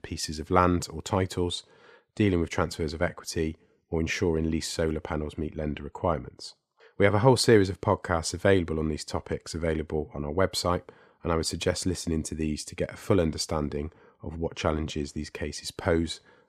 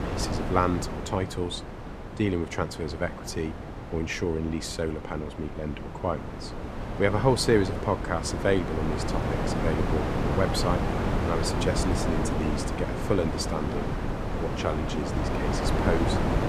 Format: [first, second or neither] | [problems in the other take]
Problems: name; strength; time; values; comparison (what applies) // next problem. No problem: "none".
first | wind noise on the microphone; heavy; 3 dB below the speech